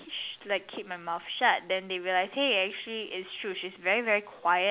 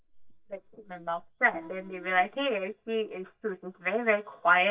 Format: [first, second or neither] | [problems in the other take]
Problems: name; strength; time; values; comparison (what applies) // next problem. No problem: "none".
first | noise reduction (neural mask model DeepFilterNet 3)